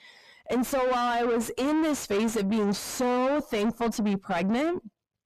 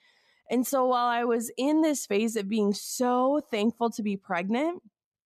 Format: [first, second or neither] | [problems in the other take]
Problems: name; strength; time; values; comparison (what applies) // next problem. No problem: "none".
second | distortion; heavy; 5 dB below the speech